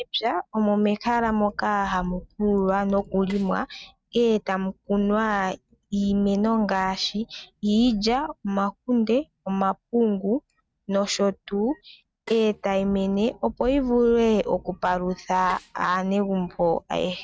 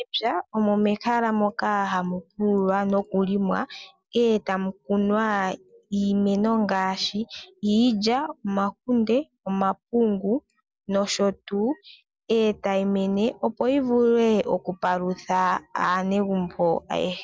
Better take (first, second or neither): second